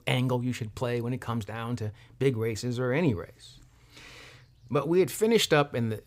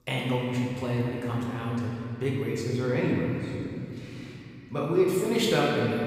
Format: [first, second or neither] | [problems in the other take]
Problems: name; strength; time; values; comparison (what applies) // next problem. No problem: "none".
first | off-mic speech; far // room echo; strong; dies away in 2.6 s